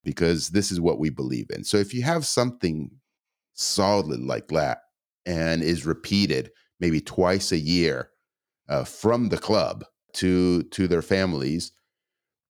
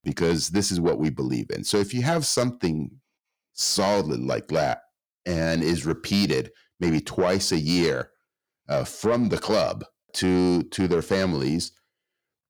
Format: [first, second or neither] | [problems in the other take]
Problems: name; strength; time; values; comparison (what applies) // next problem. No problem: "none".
first | distortion; slight; 10 dB below the speech